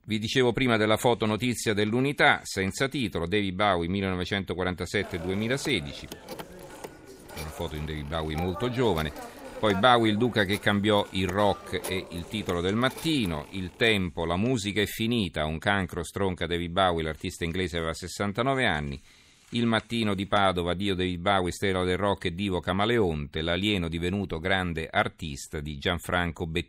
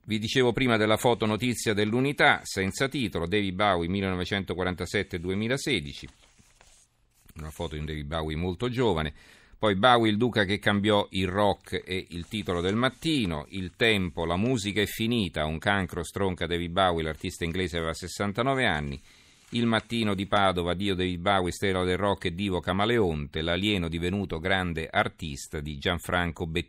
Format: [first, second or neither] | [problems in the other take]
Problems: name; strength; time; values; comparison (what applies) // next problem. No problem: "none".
second | phone ringing; faint; from 5 to 14 s; peak 10 dB below the speech